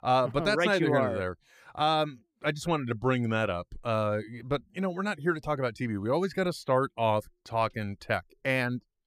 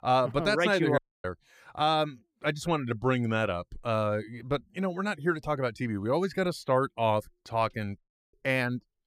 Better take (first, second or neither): first